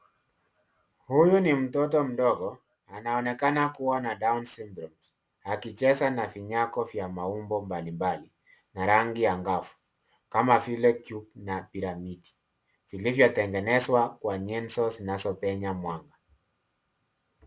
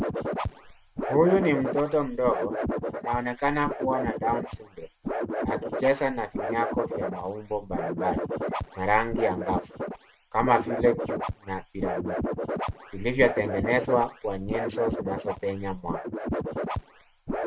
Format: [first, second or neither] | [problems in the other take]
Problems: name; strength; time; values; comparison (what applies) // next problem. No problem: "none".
first | noise reduction (neural mask model RNNoise)